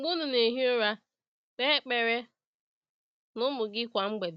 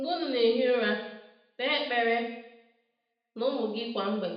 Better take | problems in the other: first | room echo; dies away in 0.8 s

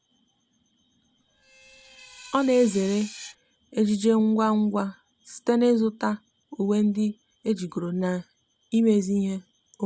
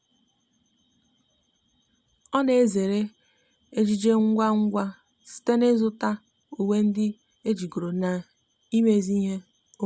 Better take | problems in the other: second | background sound (Screech); 20 dB below the speech

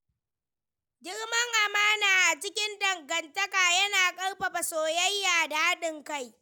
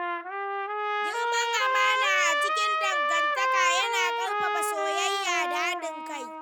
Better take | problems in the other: first | background sound (Trumpet); 4 dB above the speech

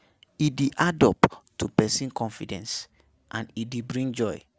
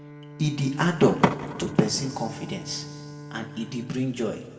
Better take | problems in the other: first | background sound (Bowed string instrument); 14 dB below the speech // room echo; dies away in 1.8 s

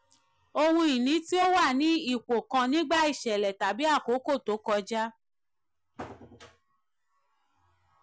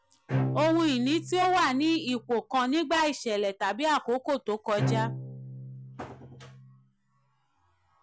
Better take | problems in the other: first | background sound (Bowed string instrument); 7 dB below the speech

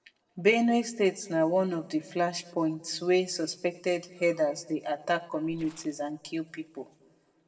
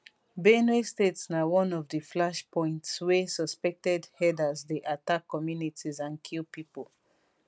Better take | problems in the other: second | noise reduction (neural separator model SepFormer DNS4)

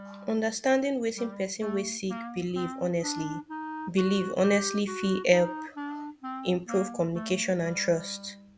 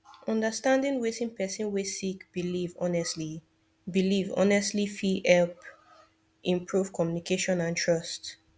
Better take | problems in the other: second | background sound (Wind instrument, woodwind instrument); 10 dB below the speech

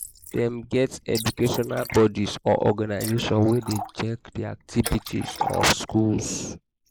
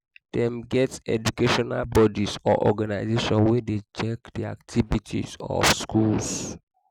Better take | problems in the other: second | noise reduction (neural mask model Resemble Enhance denoiser)

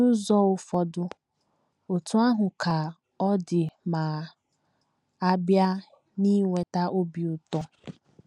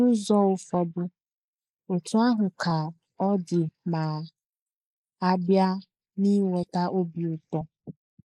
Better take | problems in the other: first | noise reduction (neural mask model Resemble Enhance denoiser)

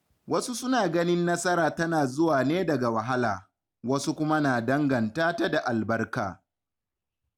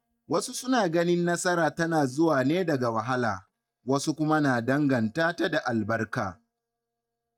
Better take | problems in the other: first | noise reduction (neural mask model DeepFilterNet 3)

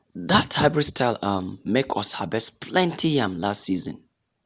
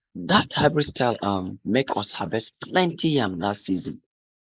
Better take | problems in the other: first | noise reduction (neural mask model Resemble Enhance denoiser)

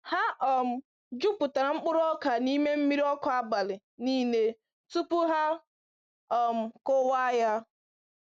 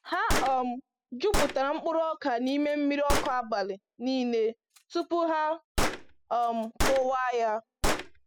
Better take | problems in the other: first | noise reduction (classical method spectral subtraction)

